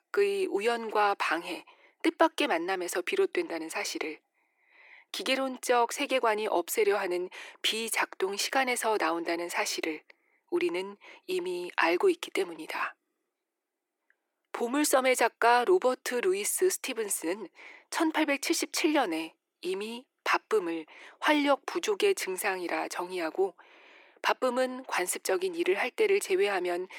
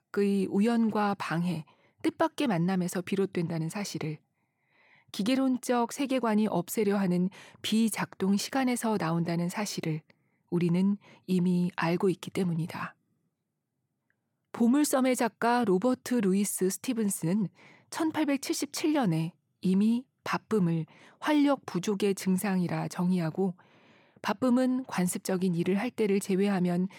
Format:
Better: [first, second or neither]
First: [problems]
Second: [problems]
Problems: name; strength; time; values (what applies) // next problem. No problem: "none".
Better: second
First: thin; very; fading below 350 Hz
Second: none